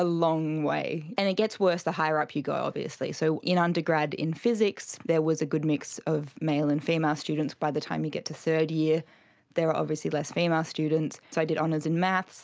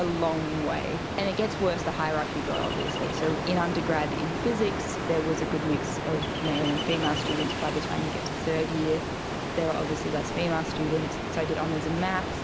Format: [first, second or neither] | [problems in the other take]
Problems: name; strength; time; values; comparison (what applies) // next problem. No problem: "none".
first | background sound (Ocean); 1 dB below the speech